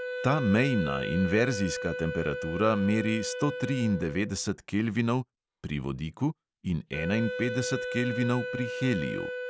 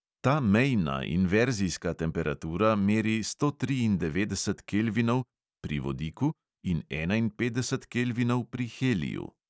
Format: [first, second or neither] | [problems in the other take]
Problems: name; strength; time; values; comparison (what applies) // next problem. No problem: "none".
second | background sound (Wind instrument, woodwind instrument); 7 dB below the speech